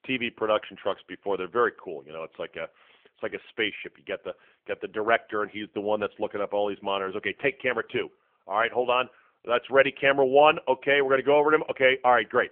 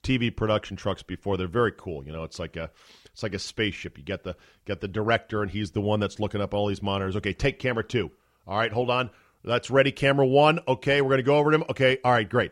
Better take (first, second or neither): second